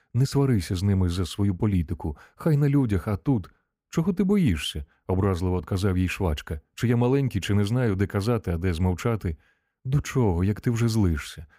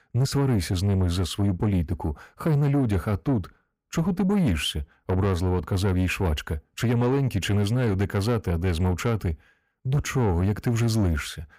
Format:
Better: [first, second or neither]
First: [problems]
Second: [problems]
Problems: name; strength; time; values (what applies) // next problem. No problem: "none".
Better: first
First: none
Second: distortion; slight; 10 dB below the speech